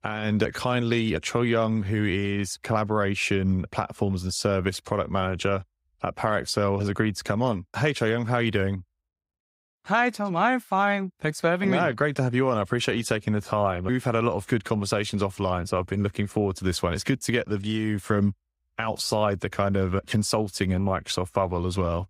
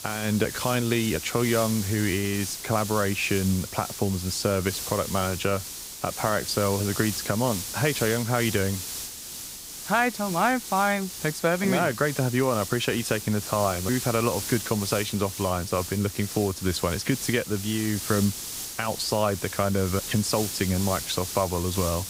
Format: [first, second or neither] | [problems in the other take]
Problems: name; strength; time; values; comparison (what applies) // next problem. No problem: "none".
first | hiss; loud; throughout; 7 dB below the speech